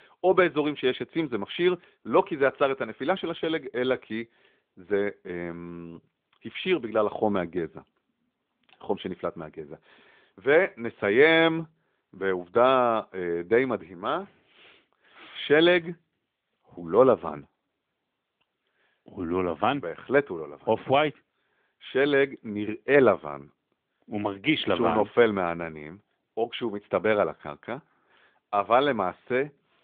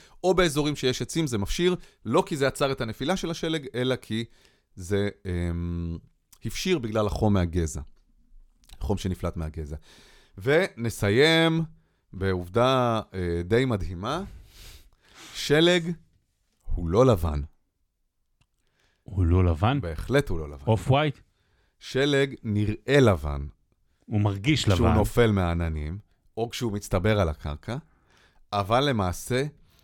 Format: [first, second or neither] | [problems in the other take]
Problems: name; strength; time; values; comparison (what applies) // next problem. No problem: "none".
second | phone-call audio; nothing above 3.5 kHz